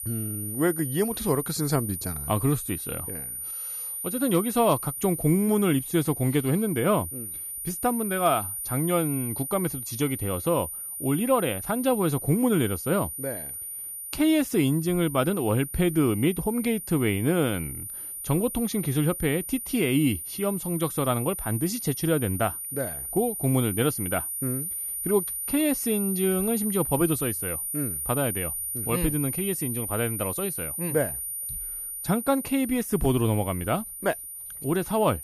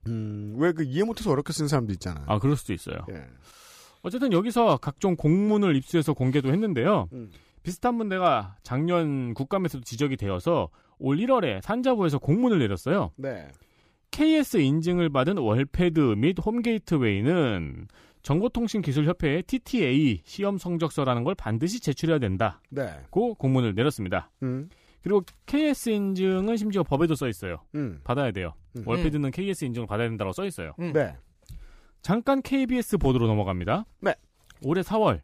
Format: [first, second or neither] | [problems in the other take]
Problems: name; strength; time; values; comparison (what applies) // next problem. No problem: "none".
second | high-pitched whine; loud; throughout; 9.5 kHz, 5 dB below the speech